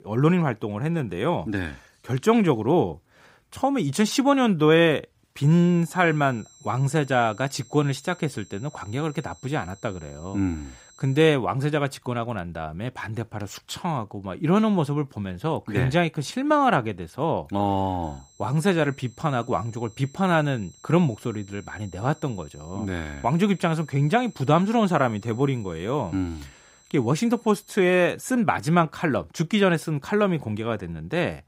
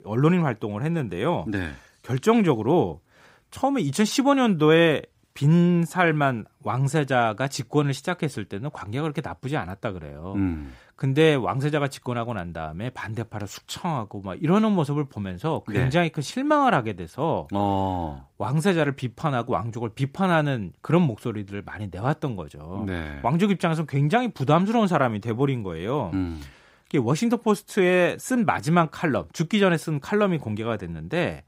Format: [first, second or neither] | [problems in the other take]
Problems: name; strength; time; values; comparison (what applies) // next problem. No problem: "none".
second | high-pitched whine; faint; from 5.5 to 11 s and from 18 to 28 s; 7.5 kHz, 25 dB below the speech